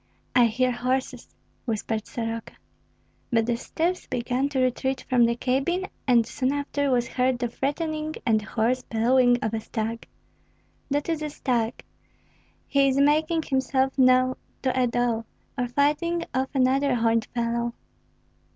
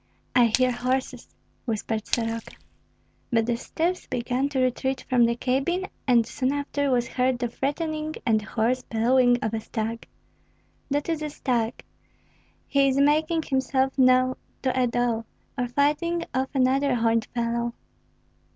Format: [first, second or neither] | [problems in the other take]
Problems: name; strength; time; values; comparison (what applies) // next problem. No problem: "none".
first | background sound (Splash, splatter); 12 dB below the speech